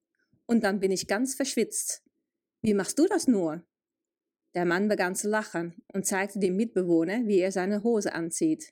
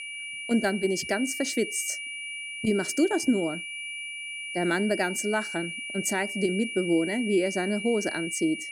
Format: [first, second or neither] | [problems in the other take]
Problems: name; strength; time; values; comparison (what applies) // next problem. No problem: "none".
first | high-pitched whine; loud; throughout; 2.5 kHz, 6 dB below the speech